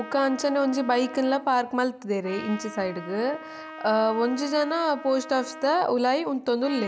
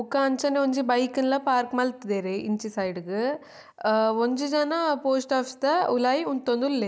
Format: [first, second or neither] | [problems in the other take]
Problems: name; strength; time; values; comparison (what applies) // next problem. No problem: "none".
second | background sound (Trumpet); 16 dB below the speech